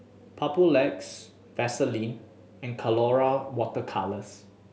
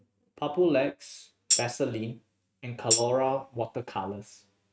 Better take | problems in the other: first | noise reduction (neural mask model RNNoise)

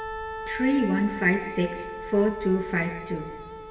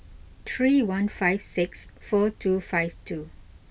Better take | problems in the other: second | background sound (Wind instrument, woodwind instrument); 10 dB below the speech // room echo; dies away in 2.4 s

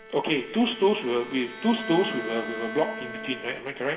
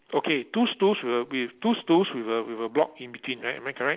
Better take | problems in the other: second | background sound (Bowed string instrument); 11 dB below the speech // room echo; dies away in 2.6 s

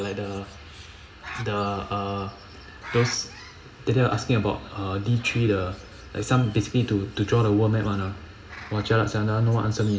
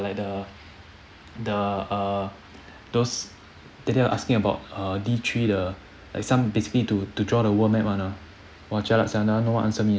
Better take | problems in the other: second | background sound (Bird); 20 dB below the speech // room echo; dies away in 1.5 s

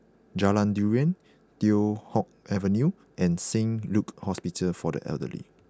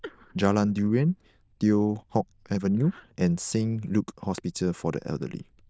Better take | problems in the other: first | noise reduction (neural diffusion model UNIVERSE++)

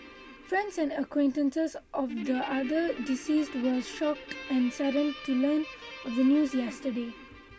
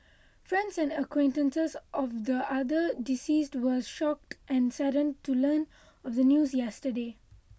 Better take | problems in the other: second | background sound (Guitar); 15 dB below the speech

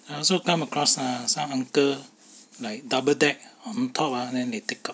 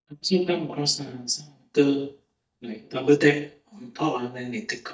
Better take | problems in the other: first | noise reduction (neural mask model DeepFilterNet 3)

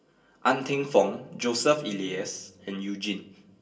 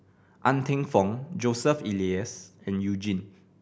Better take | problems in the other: second | room echo; dies away in 0.2 s

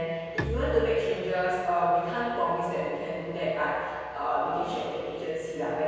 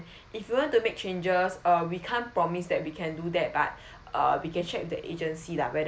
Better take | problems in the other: second | background sound (Bowed string instrument); 10 dB below the speech // room echo; dies away in 1.9 s

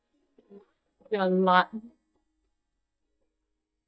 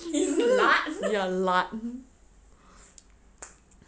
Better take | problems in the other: second | noise reduction (neural mask model DeepFilterNet 3)

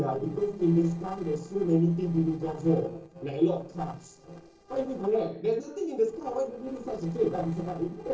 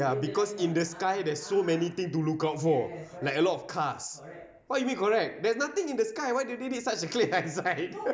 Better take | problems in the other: second | noise reduction (neural separator model SepFormer DNS4)

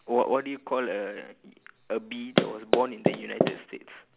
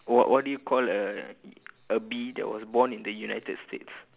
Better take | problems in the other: second | background sound (Run); 5 dB above the speech

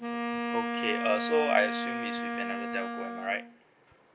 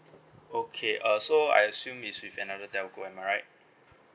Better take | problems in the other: second | background sound (Wind instrument, woodwind instrument); 1 dB below the speech

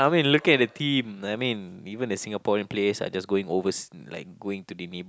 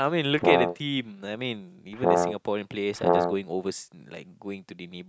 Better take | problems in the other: first | noise reduction (neural mask model RNNoise)

